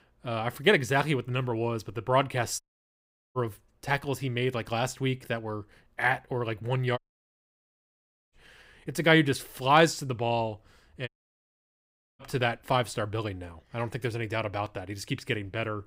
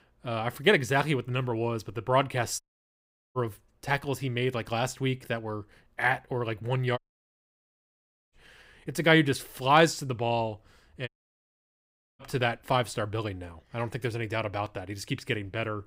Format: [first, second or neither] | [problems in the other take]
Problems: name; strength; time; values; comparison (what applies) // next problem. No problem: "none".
neither | audio cutting out; at 2.5 s for 1 s, at 7 s for 1.5 s and at 11 s for 1 s; the same in both